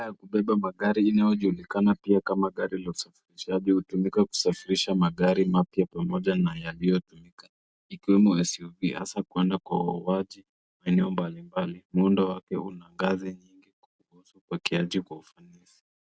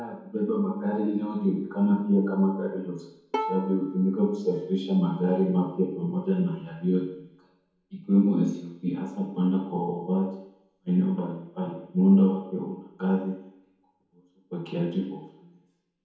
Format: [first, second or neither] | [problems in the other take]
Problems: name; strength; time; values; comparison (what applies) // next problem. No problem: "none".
first | background sound (Bowed string instrument); 10 dB below the speech // room echo; dies away in 0.9 s